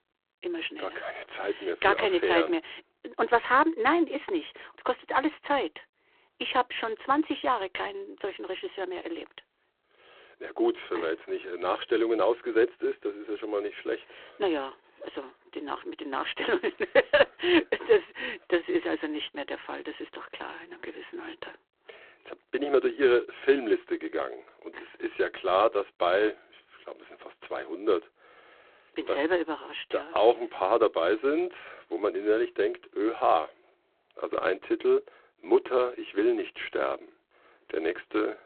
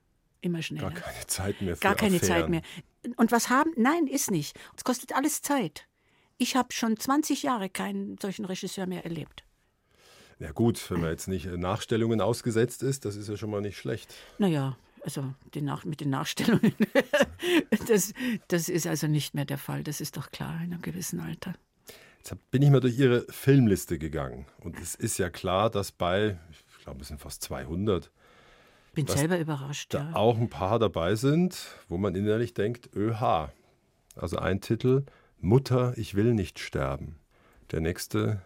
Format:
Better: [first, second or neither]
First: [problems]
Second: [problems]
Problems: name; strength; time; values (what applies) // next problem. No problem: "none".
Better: second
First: phone-call audio; poor line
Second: none